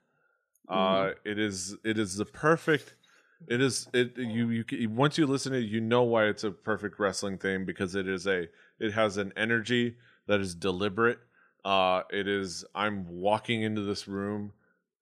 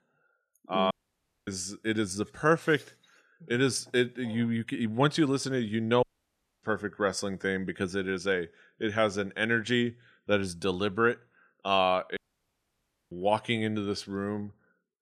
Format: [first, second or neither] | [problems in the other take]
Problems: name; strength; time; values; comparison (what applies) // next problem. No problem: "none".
first | audio cutting out; at 1 s for 0.5 s, at 6 s for 0.5 s and at 12 s for 1 s